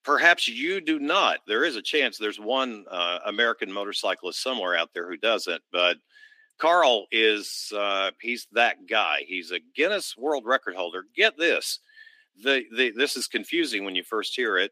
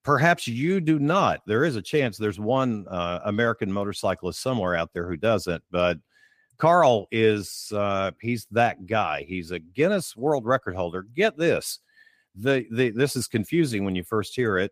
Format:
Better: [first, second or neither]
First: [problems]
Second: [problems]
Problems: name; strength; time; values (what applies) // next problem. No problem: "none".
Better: second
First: thin; somewhat; fading below 250 Hz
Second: none